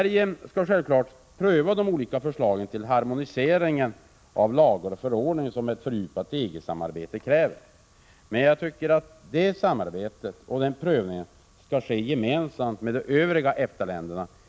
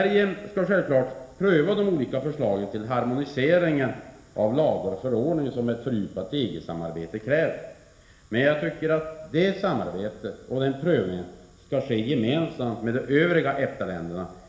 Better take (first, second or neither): first